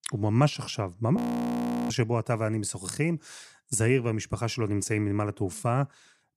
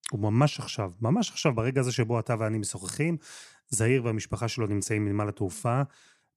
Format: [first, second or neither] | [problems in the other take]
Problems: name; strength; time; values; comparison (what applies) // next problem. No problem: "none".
second | audio freezing; at 1 s for 0.5 s